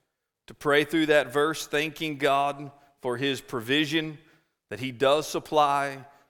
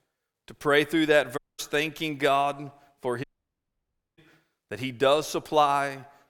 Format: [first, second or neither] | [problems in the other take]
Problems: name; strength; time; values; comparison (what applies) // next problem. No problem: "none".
first | audio cutting out; at 1.5 s and at 3 s for 1 s